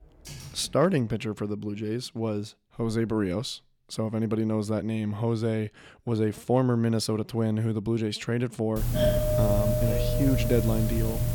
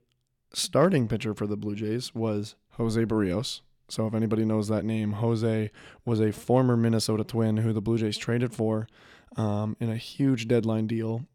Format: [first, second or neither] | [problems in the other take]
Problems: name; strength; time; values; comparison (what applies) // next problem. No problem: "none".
second | keyboard typing; faint; at the start; peak 15 dB below the speech // doorbell; loud; from 9 s on; peak 4 dB above the speech